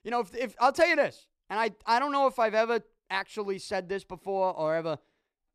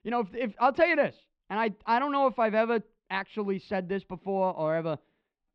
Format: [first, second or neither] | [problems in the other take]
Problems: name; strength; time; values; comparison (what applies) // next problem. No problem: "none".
first | muffled; slightly; fading above 3.5 kHz